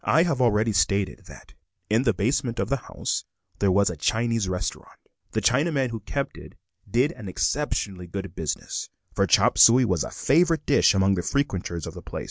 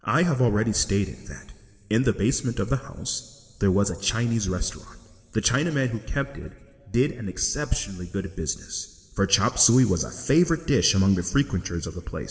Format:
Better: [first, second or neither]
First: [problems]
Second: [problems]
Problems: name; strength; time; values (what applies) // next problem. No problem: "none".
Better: first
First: none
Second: room echo; dies away in 1.6 s